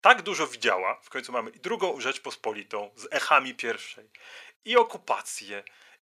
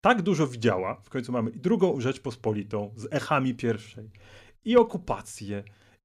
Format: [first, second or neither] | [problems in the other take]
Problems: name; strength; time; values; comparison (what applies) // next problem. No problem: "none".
second | thin; very; fading below 750 Hz